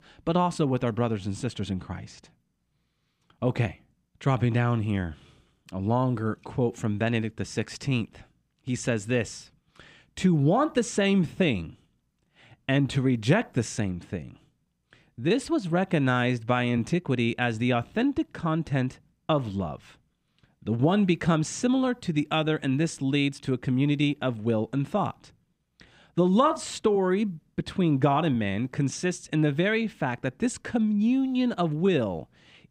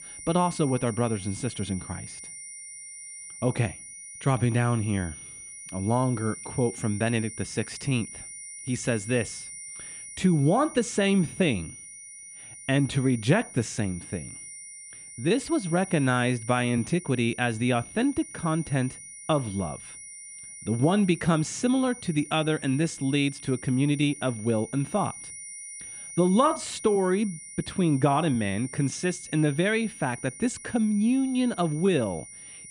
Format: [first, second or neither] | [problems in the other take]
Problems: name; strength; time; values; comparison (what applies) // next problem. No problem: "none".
first | high-pitched whine; noticeable; throughout; 9.5 kHz, 15 dB below the speech